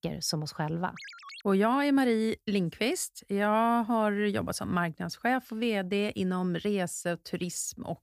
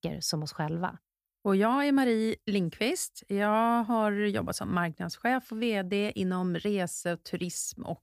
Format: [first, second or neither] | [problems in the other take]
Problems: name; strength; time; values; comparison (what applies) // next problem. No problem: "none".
second | phone ringing; faint; at 1 s; peak 15 dB below the speech